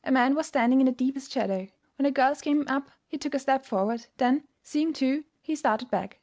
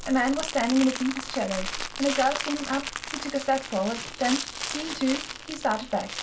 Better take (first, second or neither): first